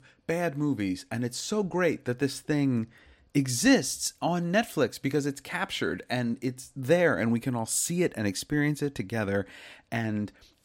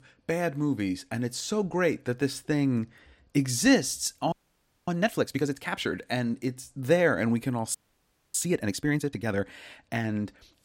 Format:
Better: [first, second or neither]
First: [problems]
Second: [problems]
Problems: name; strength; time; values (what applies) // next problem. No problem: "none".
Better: first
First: none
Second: audio freezing; at 4.5 s for 0.5 s and at 8 s for 0.5 s